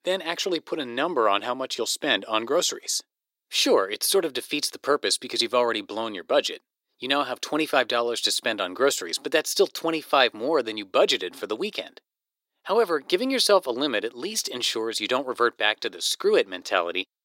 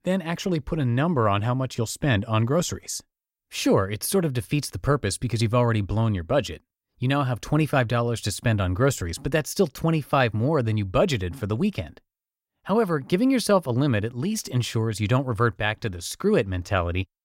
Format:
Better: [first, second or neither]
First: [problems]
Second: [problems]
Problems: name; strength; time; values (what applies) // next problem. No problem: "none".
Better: second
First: thin; somewhat; fading below 350 Hz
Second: none